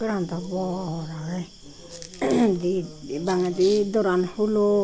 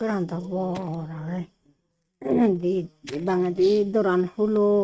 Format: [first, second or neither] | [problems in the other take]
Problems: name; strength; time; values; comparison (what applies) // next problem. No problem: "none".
first | noise reduction (neural mask model RNNoise)